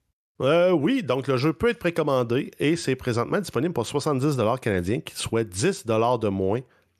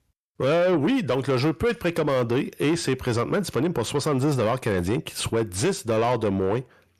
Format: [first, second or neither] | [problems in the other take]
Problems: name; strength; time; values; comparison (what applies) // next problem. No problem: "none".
first | distortion; slight; 10 dB below the speech